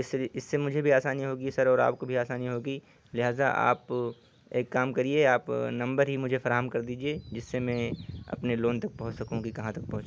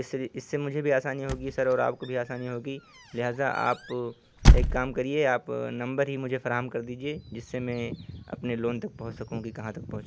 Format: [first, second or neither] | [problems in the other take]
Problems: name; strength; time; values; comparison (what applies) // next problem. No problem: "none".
first | background sound (Squeak / Slam / Wood); 4 dB above the speech